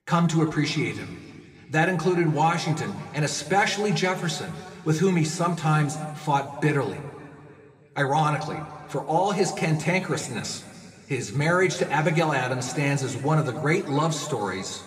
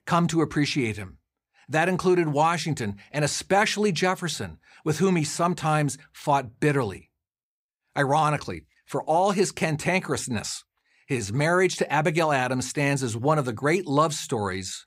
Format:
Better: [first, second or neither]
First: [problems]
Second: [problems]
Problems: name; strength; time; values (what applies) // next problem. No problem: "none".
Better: second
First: room echo; slight; dies away in 2 s // off-mic speech; somewhat distant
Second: none